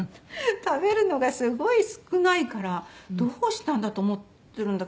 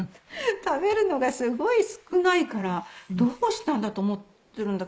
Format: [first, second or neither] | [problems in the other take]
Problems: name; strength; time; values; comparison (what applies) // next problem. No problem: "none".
first | noise reduction (neural mask model Resemble Enhance denoiser)